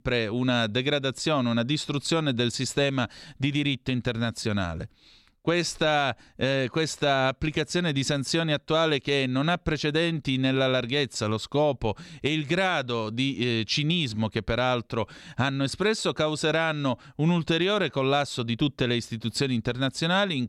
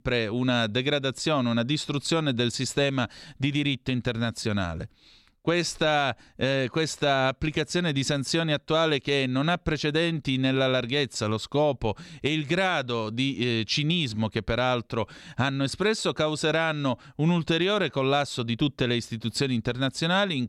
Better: neither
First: none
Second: none

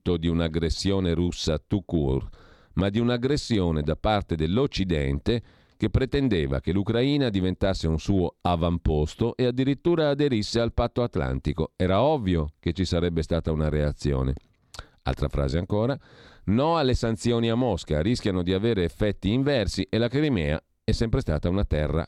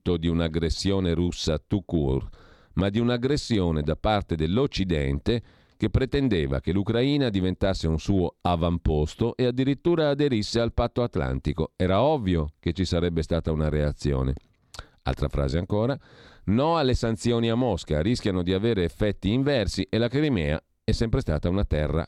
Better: neither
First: none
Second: none

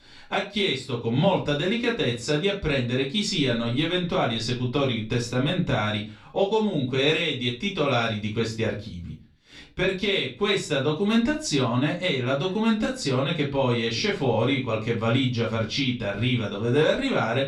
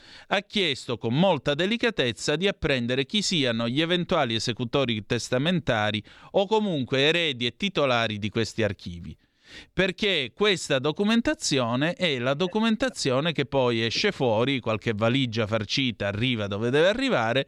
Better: second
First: off-mic speech; far // room echo; very slight; dies away in 0.3 s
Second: none

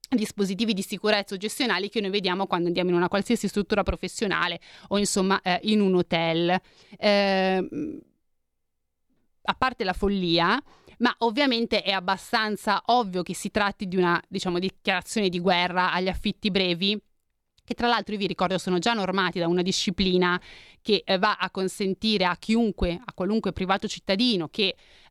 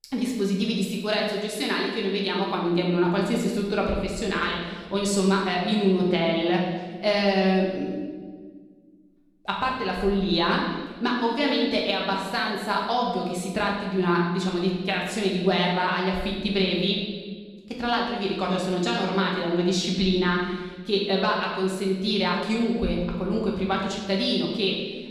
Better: first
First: none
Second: room echo; noticeable; dies away in 1.3 s // off-mic speech; far

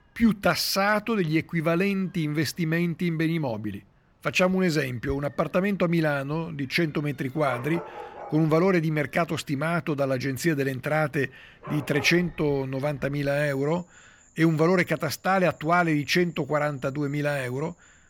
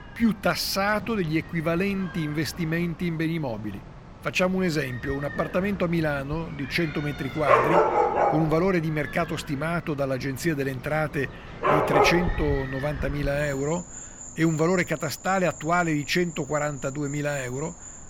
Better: first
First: animal sounds; faint; throughout; 20 dB below the speech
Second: animal sounds; loud; throughout; 2 dB below the speech

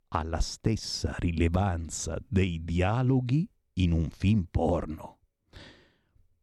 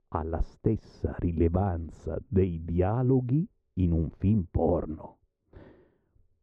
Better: first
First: none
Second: muffled; very; fading above 2.5 kHz

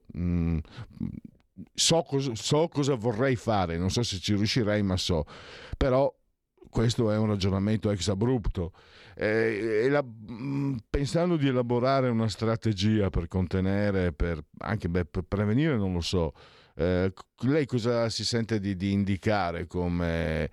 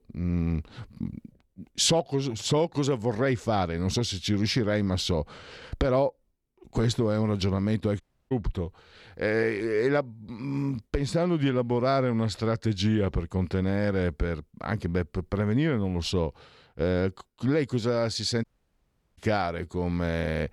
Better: first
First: none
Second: audio cutting out; at 8 s and at 18 s for 0.5 s

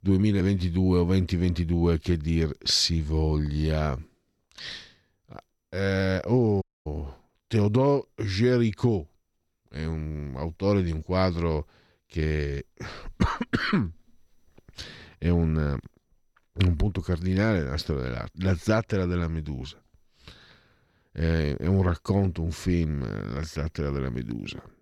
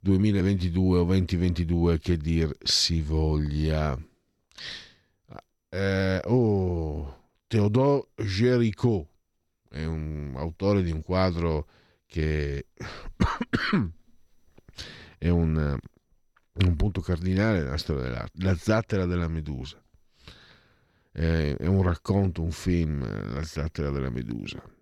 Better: second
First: audio cutting out; at 6.5 s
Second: none

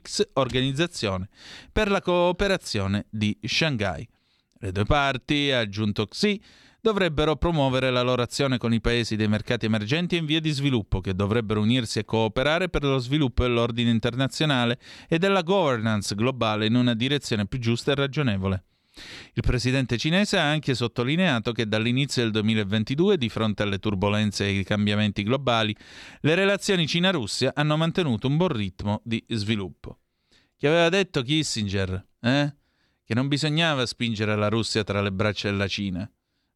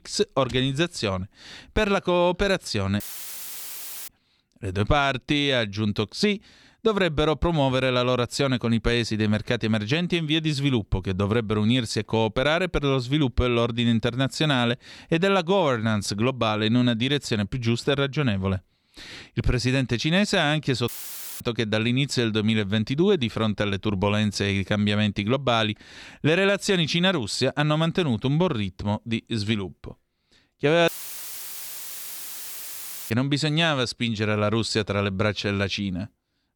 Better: first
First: none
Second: audio cutting out; filled with static; at 3 s for 1 s, at 21 s for 0.5 s and at 31 s for 2 s

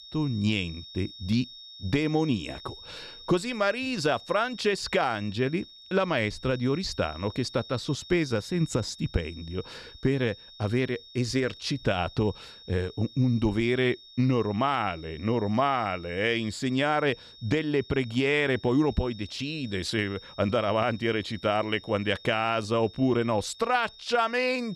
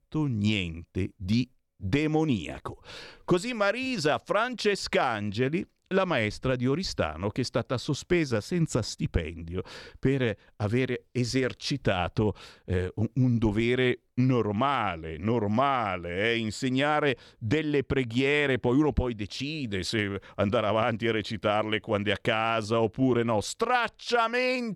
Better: second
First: high-pitched whine; noticeable; throughout; 3.5 kHz, 20 dB below the speech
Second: none

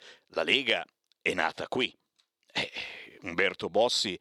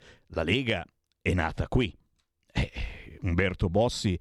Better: second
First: thin; somewhat; fading below 400 Hz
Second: none

